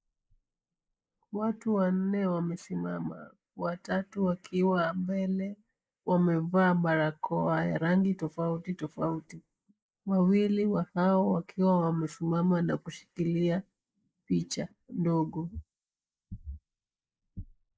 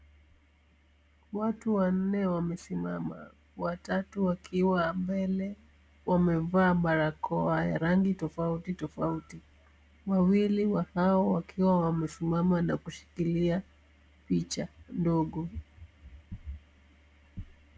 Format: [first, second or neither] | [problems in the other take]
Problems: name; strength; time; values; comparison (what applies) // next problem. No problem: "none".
second | noise reduction (neural mask model Resemble Enhance denoiser)